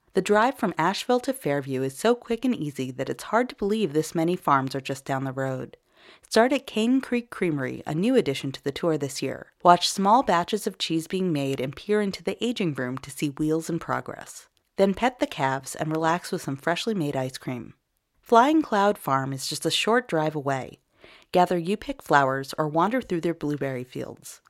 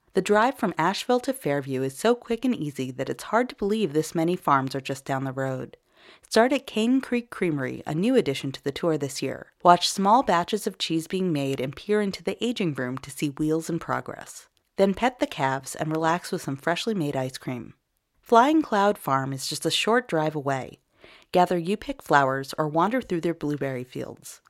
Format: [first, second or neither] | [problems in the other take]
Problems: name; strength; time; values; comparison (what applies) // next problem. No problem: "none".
neither | none